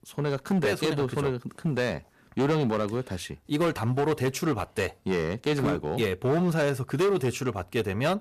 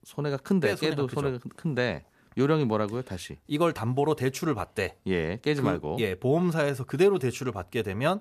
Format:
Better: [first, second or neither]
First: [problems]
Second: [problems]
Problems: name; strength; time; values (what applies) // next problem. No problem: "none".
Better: second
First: distortion; slight; 10% of the sound clipped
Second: none